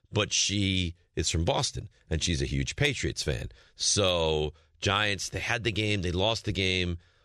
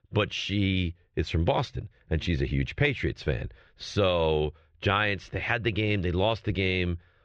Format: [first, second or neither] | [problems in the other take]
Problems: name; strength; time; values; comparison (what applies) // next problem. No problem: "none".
first | muffled; very; fading above 2.5 kHz